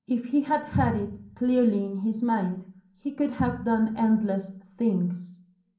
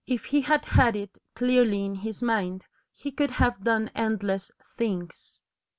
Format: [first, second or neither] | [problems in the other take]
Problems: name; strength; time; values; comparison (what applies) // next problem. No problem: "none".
second | room echo; dies away in 0.6 s